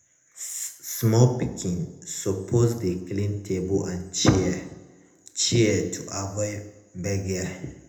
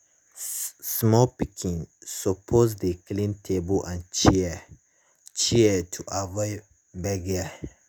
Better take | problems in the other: second | room echo; dies away in 0.7 s

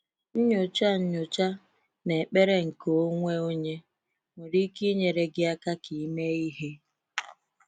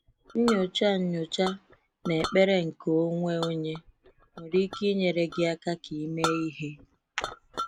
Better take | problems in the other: first | background sound (Chink, clink); 12 dB below the speech

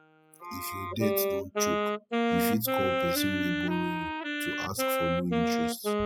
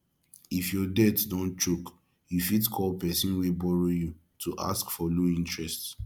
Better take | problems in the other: second | noise reduction (classical method spectral subtraction)

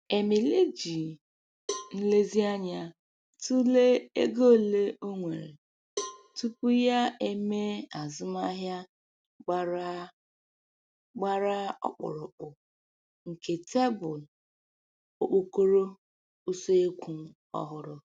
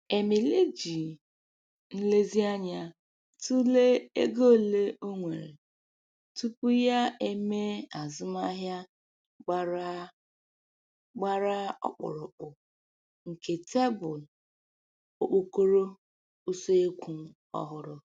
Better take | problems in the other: second | background sound (Cowbell); 15 dB below the speech

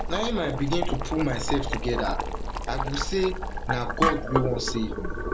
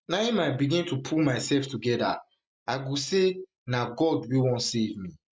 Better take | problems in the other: second | background sound (Boiling); 1 dB above the speech

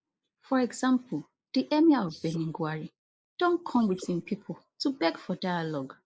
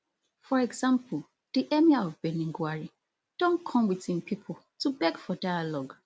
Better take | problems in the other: second | noise reduction (neural mask model Resemble Enhance denoiser)

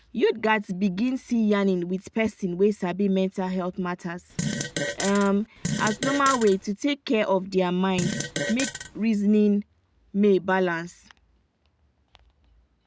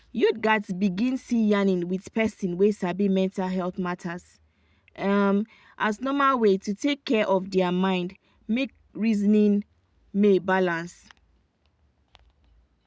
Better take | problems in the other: second | background sound (Fart); 6 dB below the speech

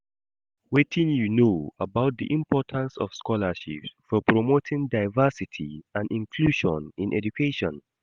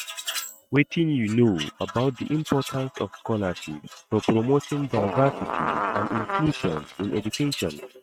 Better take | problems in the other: first | noise reduction (neural mask model RNNoise)

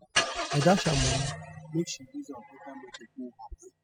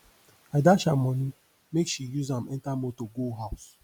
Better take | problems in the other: second | noise reduction (classical method spectral subtraction)

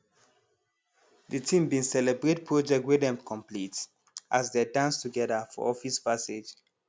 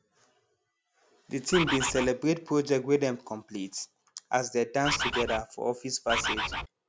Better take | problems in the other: first | background sound (Bird); as loud as the speech

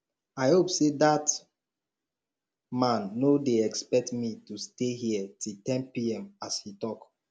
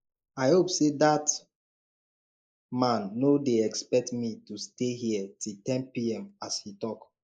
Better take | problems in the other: first | noise reduction (neural mask model Resemble Enhance denoiser)

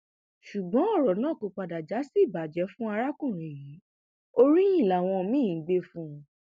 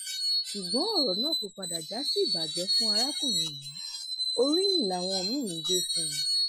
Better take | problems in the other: first | noise reduction (classical method Wiener filter)

